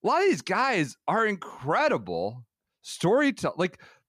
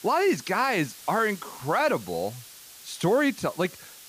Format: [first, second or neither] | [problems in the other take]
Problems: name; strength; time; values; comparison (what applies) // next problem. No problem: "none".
first | hiss; noticeable; throughout; 15 dB below the speech